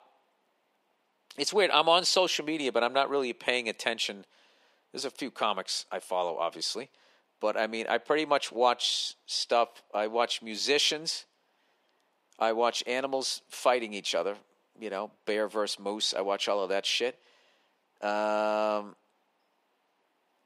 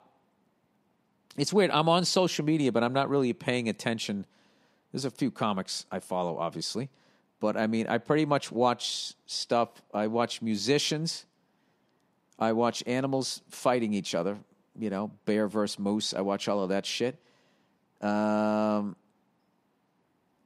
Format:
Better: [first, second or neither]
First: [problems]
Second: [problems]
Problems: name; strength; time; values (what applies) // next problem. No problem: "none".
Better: second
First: thin; somewhat; fading below 500 Hz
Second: none